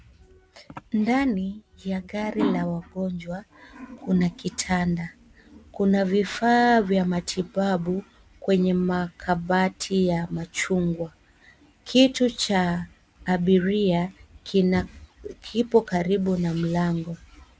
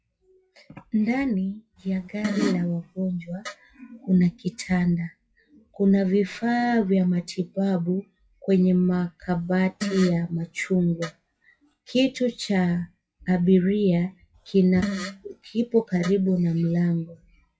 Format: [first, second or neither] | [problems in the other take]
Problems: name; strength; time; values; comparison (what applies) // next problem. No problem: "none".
first | noise reduction (classical method WPE with log-MMSE)